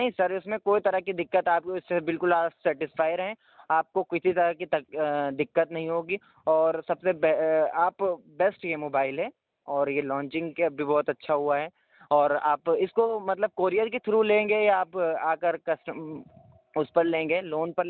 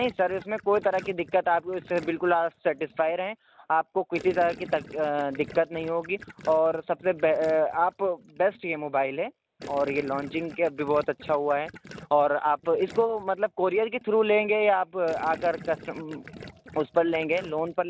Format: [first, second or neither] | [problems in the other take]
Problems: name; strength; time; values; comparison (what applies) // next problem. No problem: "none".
first | background sound (Gurgling); 20 dB below the speech